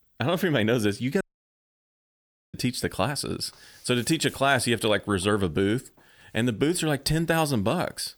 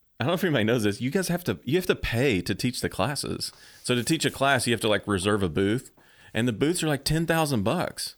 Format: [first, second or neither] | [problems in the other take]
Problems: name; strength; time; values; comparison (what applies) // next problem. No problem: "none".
second | audio cutting out; at 1 s for 1.5 s